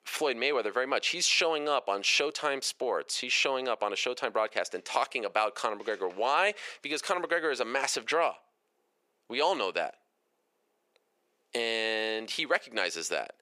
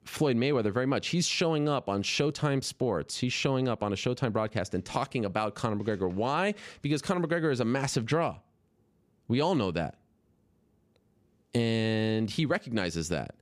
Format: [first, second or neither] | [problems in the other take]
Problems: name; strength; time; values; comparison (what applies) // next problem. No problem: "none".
second | thin; very; fading below 500 Hz